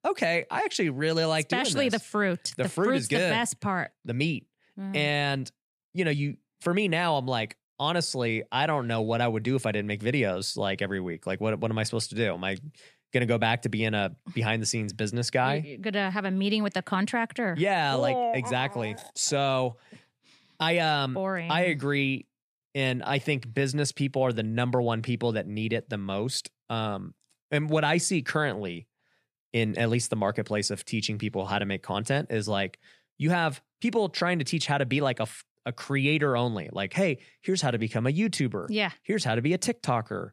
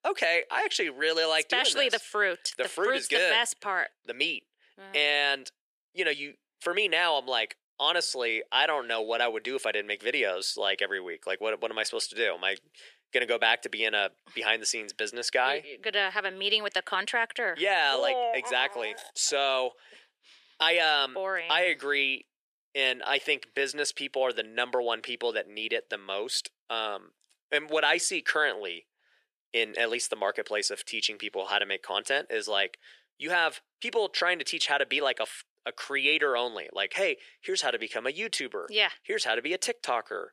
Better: first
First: none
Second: thin; very; fading below 400 Hz

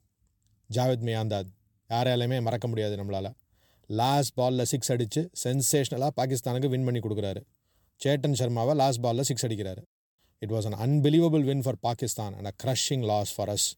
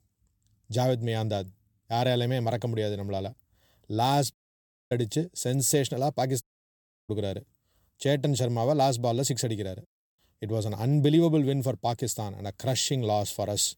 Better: first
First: none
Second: audio cutting out; at 4.5 s for 0.5 s and at 6.5 s for 0.5 s

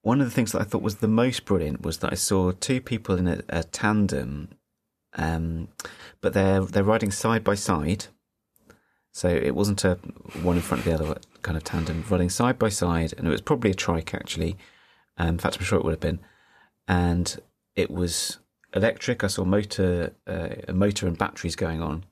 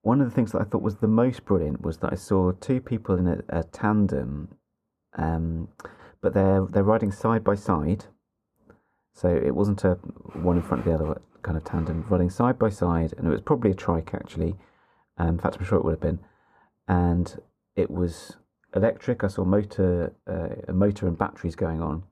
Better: first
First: none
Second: muffled; very; fading above 1.5 kHz

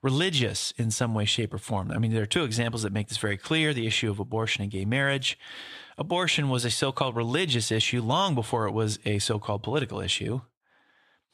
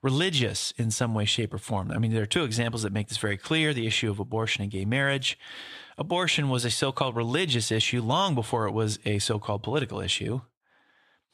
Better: neither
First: none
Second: none

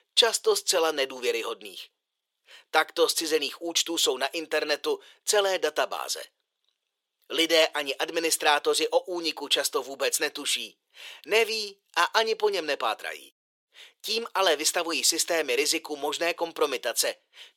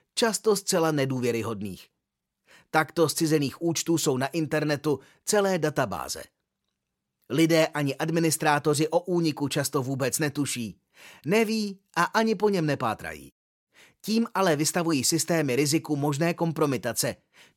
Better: second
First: thin; very; fading below 450 Hz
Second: none

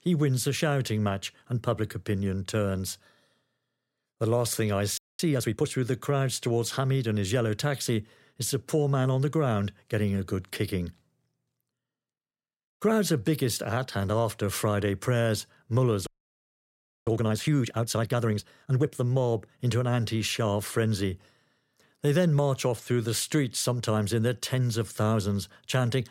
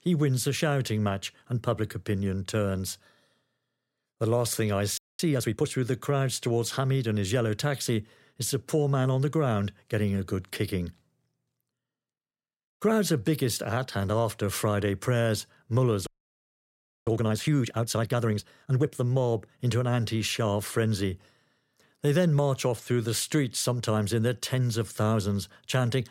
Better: neither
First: audio freezing; at 5 s and at 16 s for 1 s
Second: audio freezing; at 5 s and at 16 s for 1 s

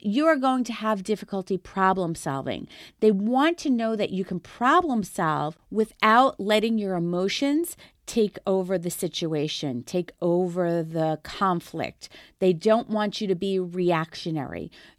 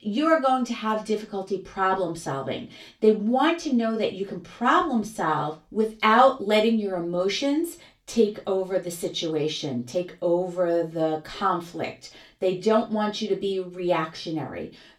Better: first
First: none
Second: room echo; slight; dies away in 0.2 s // off-mic speech; far

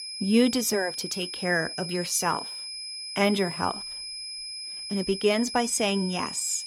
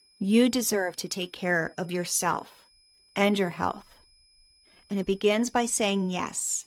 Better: second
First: high-pitched whine; loud; throughout; 5 kHz, 7 dB below the speech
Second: high-pitched whine; faint; throughout; 5 kHz, 30 dB below the speech

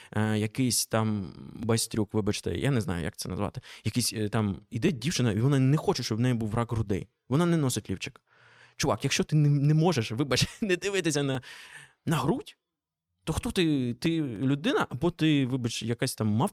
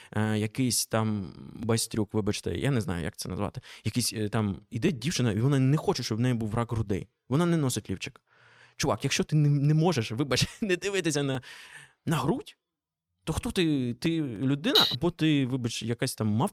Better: first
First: none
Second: clattering dishes; loud; at 15 s; peak 5 dB above the speech

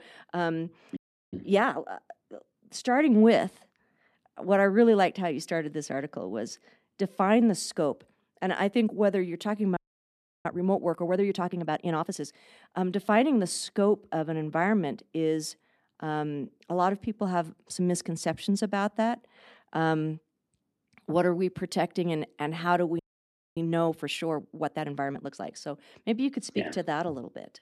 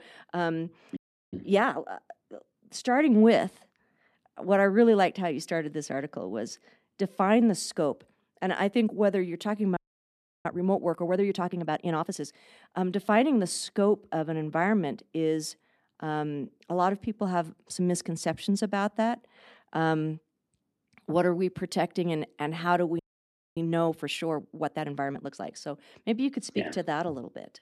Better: neither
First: audio freezing; at 1 s, at 10 s for 0.5 s and at 23 s for 0.5 s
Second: audio freezing; at 1 s, at 10 s for 0.5 s and at 23 s for 0.5 s

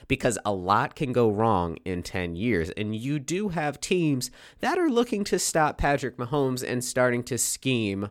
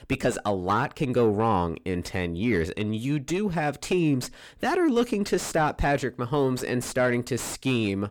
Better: first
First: none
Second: distortion; slight; 10 dB below the speech

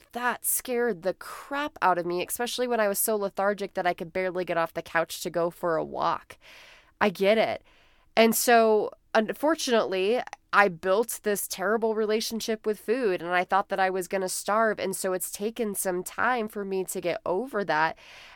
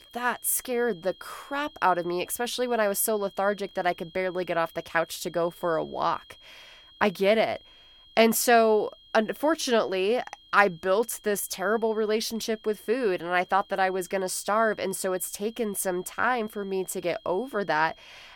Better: first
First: none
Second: high-pitched whine; faint; throughout; 3.5 kHz, 25 dB below the speech

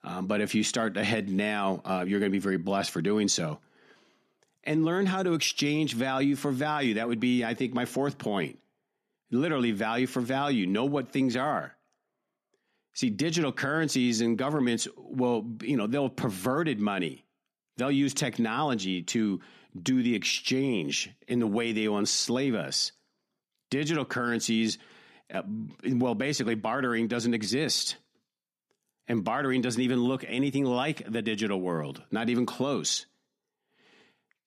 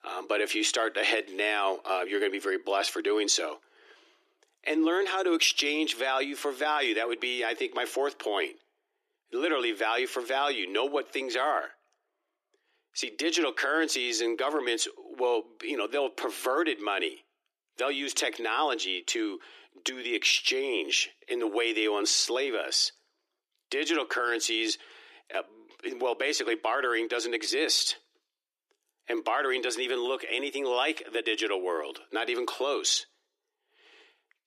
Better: first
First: none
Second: thin; very; fading below 300 Hz

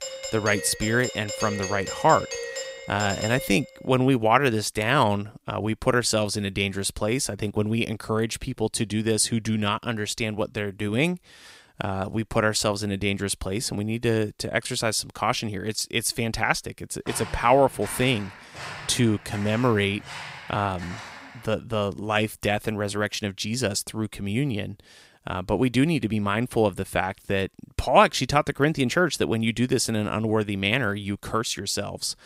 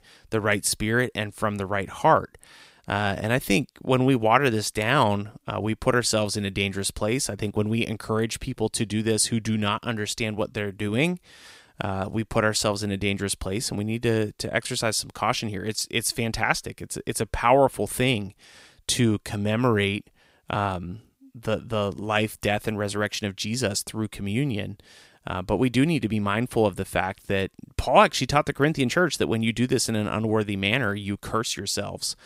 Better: second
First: doorbell; noticeable; until 4 s; peak 6 dB below the speech // footsteps; faint; from 17 to 21 s; peak 10 dB below the speech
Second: none

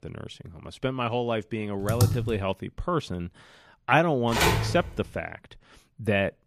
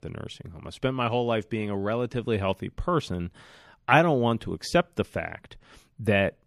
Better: second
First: keyboard typing; loud; at 2 s; peak 3 dB above the speech // phone ringing; loud; at 4.5 s; peak 5 dB above the speech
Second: none

